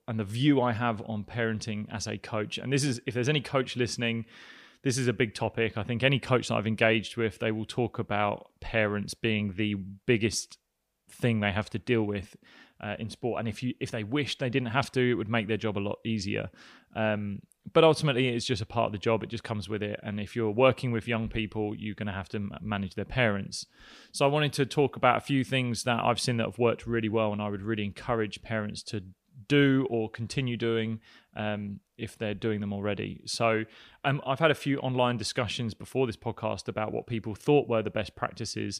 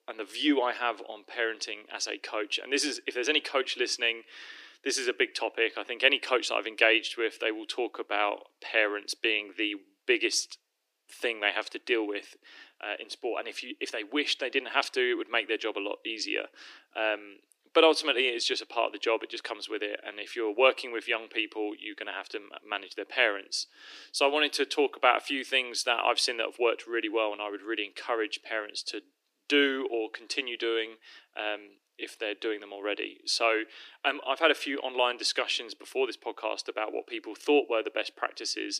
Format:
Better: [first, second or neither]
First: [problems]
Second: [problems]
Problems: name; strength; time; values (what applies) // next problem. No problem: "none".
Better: first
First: none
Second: thin; somewhat; fading below 300 Hz